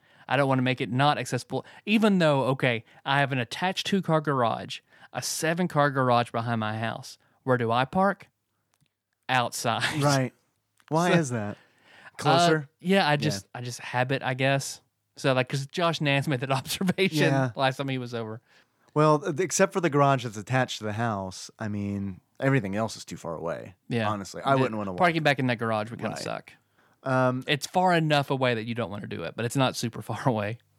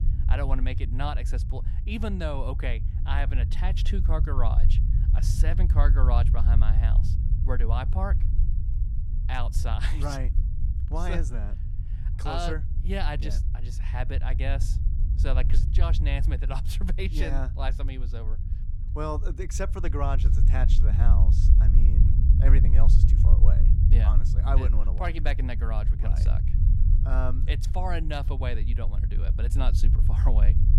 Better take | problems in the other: first | low rumble; loud; throughout; 8 dB below the speech

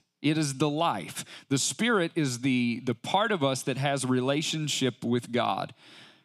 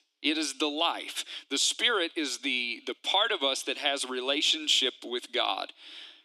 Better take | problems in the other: first | thin; somewhat; fading below 300 Hz

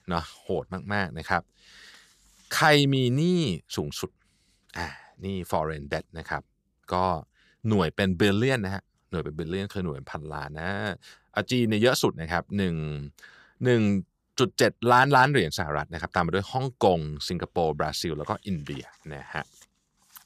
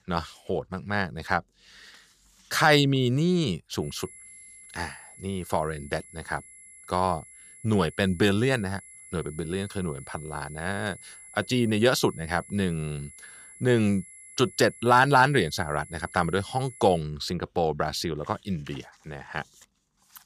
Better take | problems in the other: first | high-pitched whine; noticeable; from 4 to 17 s; 11 kHz, 20 dB below the speech

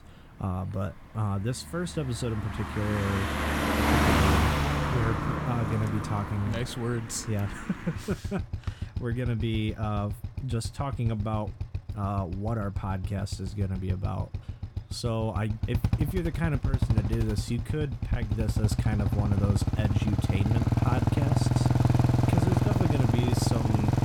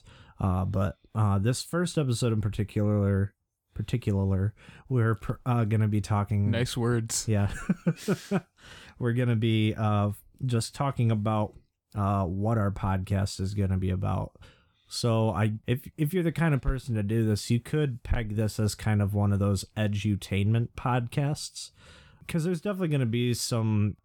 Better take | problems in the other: second | traffic noise; very loud; throughout; 3 dB above the speech

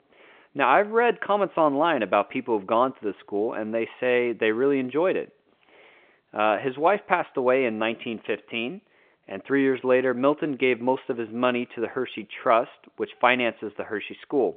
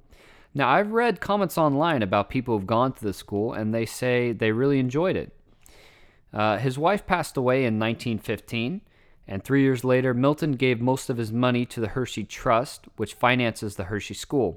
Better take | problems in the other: second | phone-call audio; nothing above 3.5 kHz

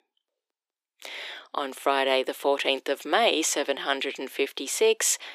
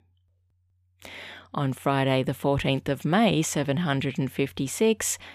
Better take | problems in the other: second | thin; very; fading below 350 Hz

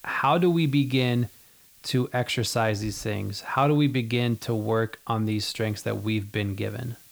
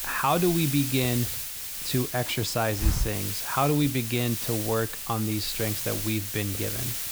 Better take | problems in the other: first | hiss; loud; throughout; 1 dB below the speech; faint in the first

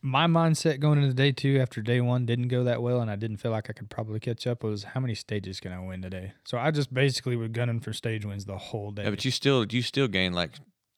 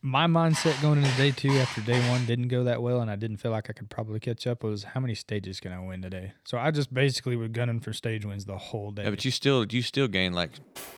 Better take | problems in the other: first | footsteps; noticeable; from 0.5 to 2.5 s; peak 4 dB below the speech // clattering dishes; faint; at 10 s; peak 15 dB below the speech

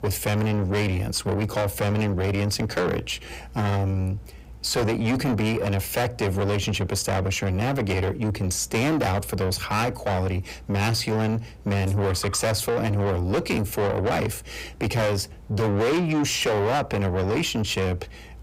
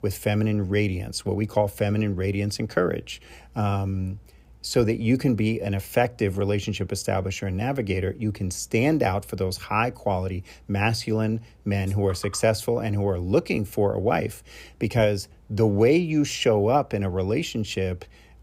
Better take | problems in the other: second | distortion; heavy; 6 dB below the speech

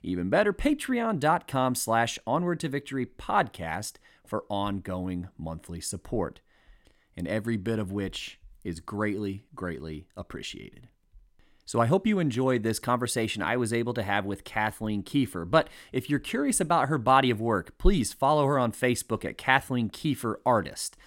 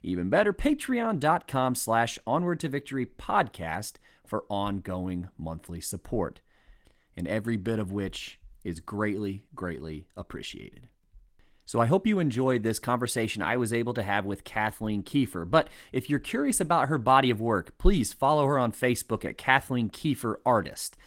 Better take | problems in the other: first | garbled, watery; slightly; nothing above 16.5 kHz

